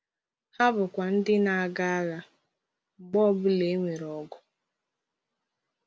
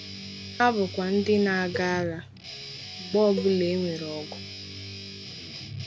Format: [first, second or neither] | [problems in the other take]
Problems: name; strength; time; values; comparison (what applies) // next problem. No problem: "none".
first | background sound (Guitar + Cowbell); 11 dB below the speech